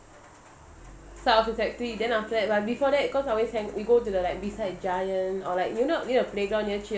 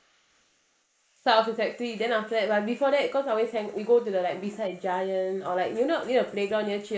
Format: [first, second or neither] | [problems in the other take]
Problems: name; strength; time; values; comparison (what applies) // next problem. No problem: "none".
first | noise reduction (neural mask model Resemble Enhance denoiser)